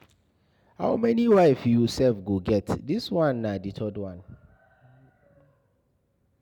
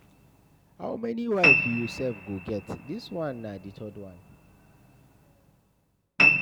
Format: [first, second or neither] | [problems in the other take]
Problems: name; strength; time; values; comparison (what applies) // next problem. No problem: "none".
first | background sound (Piano); 5 dB above the speech